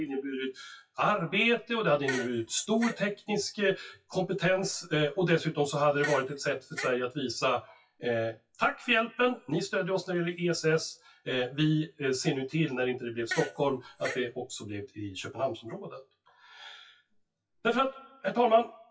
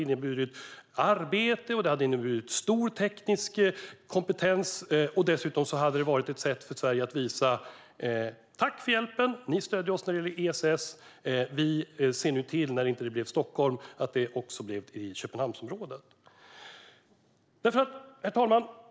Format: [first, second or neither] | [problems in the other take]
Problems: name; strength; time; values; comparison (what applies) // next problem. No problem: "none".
second | noise reduction (classical method WPE with log-MMSE)